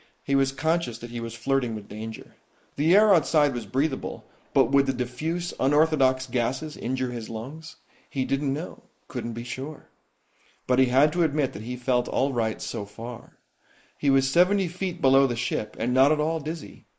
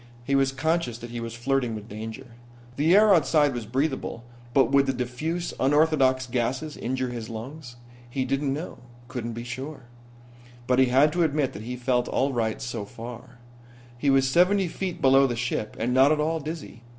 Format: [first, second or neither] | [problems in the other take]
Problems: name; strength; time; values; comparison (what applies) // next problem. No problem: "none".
second | noise reduction (neural mask model Resemble Enhance denoiser)